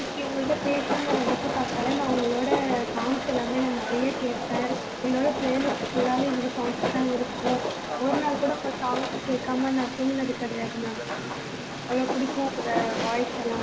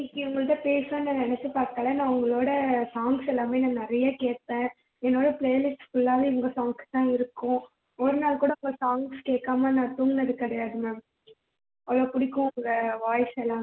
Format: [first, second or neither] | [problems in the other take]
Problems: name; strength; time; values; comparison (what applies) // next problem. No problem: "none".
second | background sound (Train); 2 dB below the speech